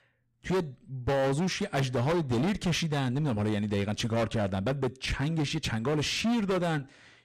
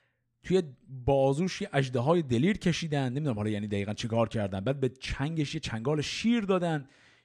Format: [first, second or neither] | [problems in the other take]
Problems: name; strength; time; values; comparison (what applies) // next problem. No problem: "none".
second | distortion; heavy; 18% of the sound clipped